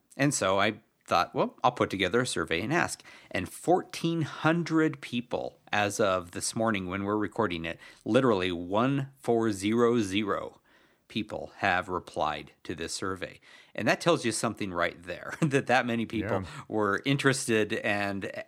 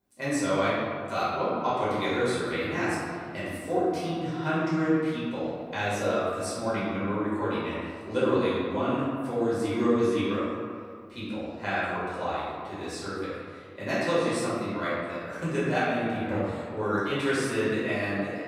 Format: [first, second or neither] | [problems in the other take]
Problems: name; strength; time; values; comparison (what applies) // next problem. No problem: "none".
first | off-mic speech; far // room echo; strong; dies away in 1.9 s